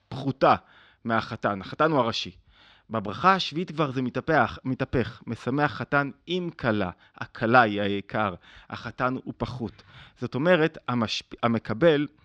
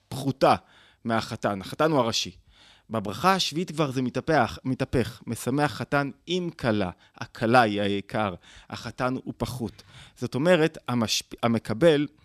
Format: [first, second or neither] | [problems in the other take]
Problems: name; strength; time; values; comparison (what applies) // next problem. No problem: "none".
second | muffled; very slightly; fading above 4 kHz